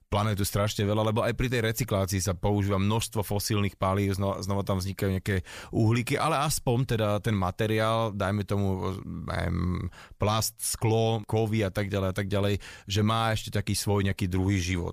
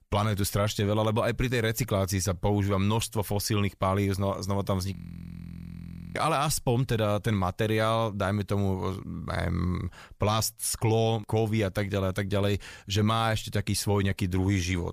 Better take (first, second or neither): first